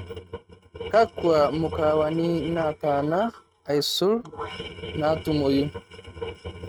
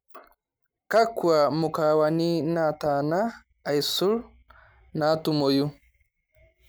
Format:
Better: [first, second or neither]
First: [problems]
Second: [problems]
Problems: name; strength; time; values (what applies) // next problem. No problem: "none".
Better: second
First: noise reduction (neural mask model RNNoise)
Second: none